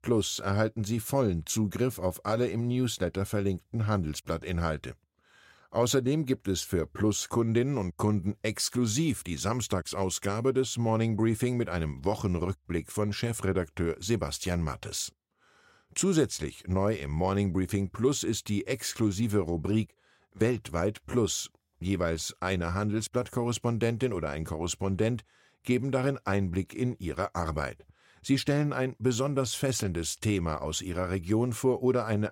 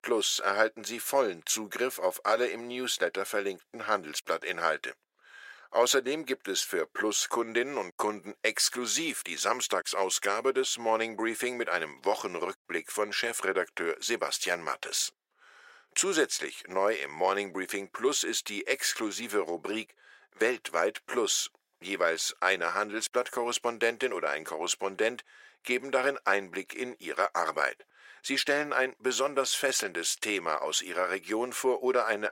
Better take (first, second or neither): first